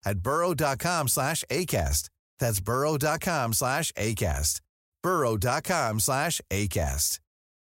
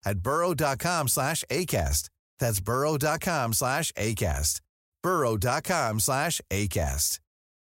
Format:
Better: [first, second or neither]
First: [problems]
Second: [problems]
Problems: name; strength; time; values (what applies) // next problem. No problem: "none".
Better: neither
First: none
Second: none